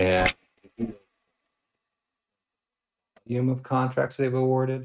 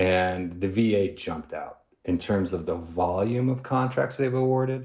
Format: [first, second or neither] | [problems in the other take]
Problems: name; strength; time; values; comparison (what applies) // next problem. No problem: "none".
second | noise reduction (neural mask model RNNoise)